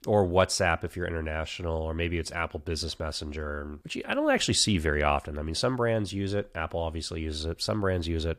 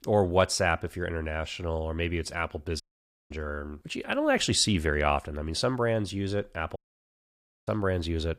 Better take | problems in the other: first | audio cutting out; at 3 s for 0.5 s and at 7 s for 1 s

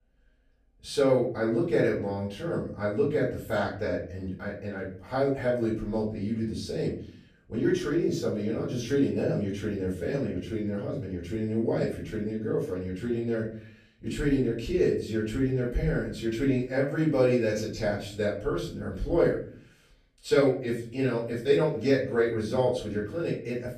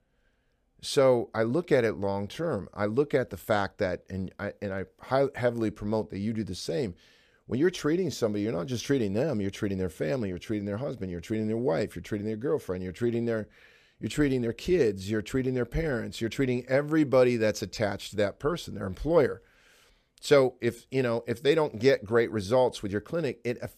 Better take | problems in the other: second | off-mic speech; far // room echo; noticeable; dies away in 0.5 s

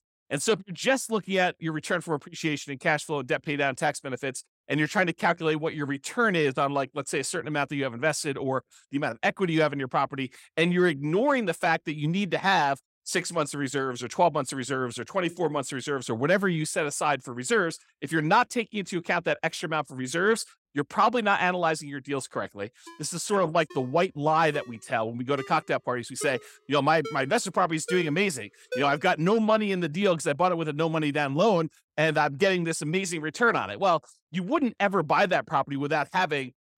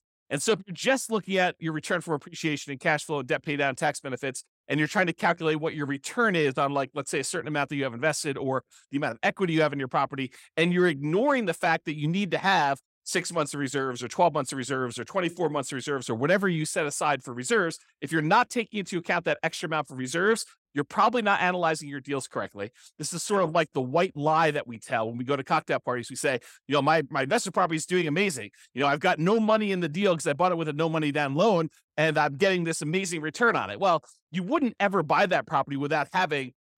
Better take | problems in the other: second | phone ringing; noticeable; from 23 to 29 s; peak 9 dB below the speech

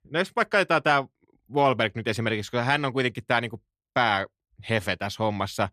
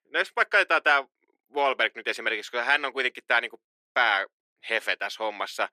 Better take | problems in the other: first | thin; very; fading below 350 Hz

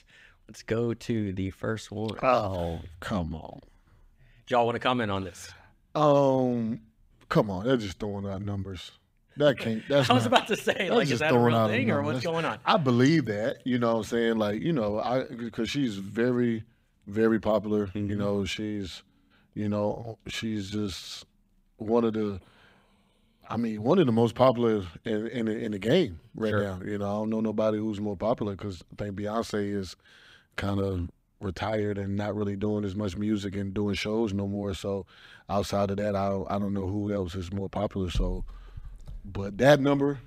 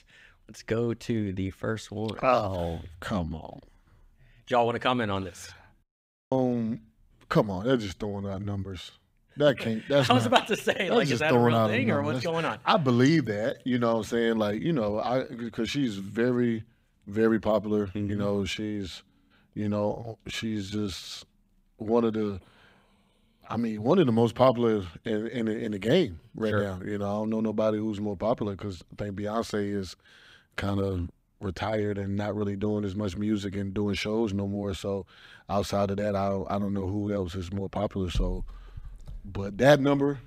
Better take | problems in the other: first | audio cutting out; at 6 s

